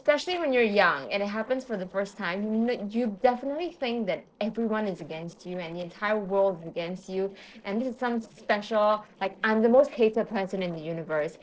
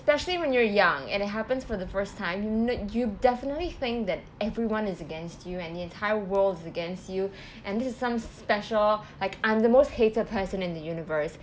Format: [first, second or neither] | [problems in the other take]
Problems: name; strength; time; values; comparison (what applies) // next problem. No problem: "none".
second | noise reduction (neural separator model SepFormer DNS4)